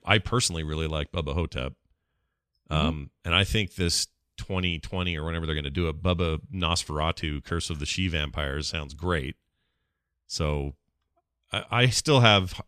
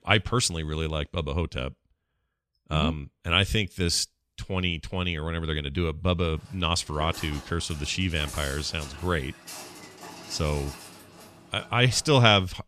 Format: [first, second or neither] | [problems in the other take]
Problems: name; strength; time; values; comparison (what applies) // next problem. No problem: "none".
first | footsteps; faint; from 6.5 s on; peak 10 dB below the speech